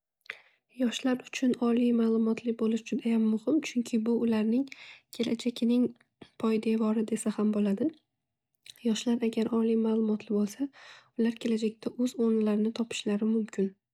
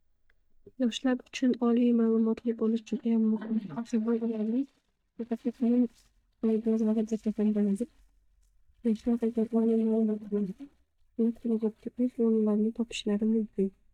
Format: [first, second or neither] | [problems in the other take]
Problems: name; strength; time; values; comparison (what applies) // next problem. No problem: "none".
first | noise reduction (neural mask model DeepFilterNet 3)